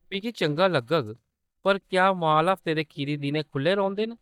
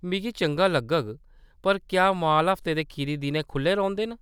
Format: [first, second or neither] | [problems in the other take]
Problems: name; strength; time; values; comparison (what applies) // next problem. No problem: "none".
second | noise reduction (neural mask model DeepFilterNet 3)